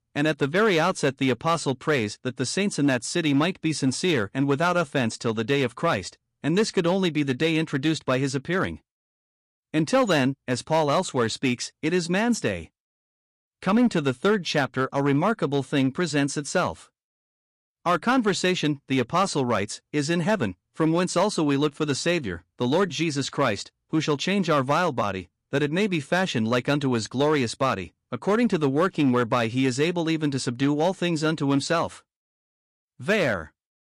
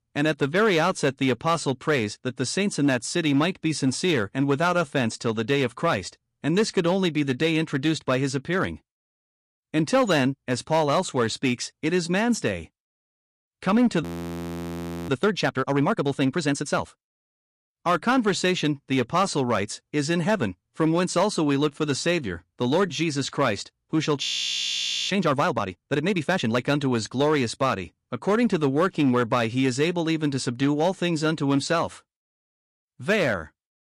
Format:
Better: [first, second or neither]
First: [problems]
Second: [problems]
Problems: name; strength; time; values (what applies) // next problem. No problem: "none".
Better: first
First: none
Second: audio freezing; at 14 s for 1 s and at 24 s for 1 s